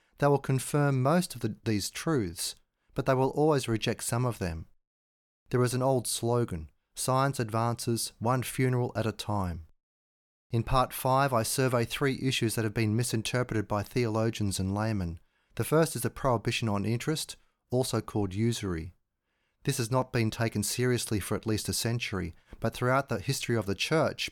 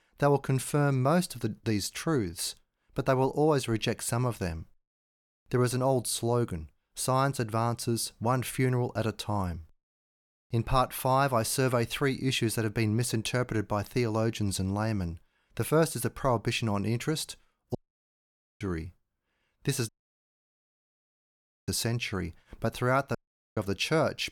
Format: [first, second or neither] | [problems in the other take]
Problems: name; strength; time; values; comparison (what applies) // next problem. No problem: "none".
first | audio cutting out; at 18 s for 1 s, at 20 s for 2 s and at 23 s